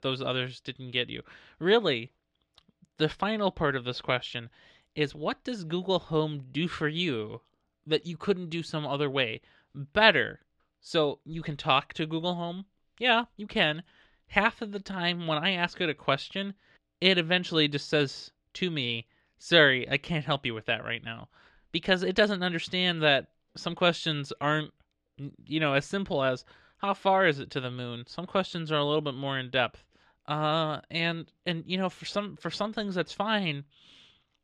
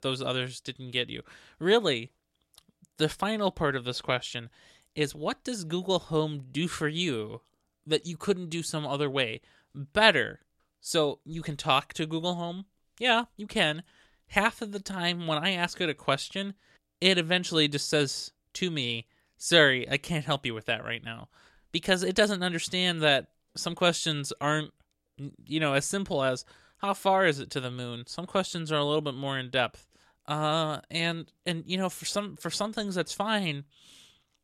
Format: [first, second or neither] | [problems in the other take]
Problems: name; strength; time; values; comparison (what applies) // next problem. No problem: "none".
second | muffled; very slightly; fading above 3 kHz